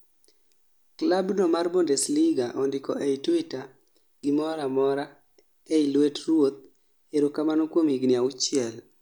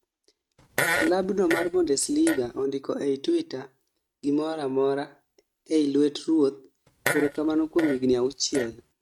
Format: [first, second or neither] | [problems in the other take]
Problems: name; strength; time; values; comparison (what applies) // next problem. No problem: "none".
first | noise reduction (neural mask model RNNoise)